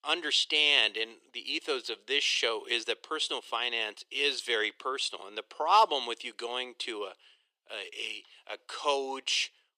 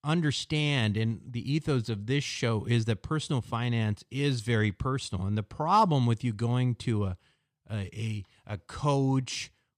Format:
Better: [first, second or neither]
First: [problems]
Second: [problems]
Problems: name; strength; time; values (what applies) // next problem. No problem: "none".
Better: second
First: thin; very; fading below 400 Hz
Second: none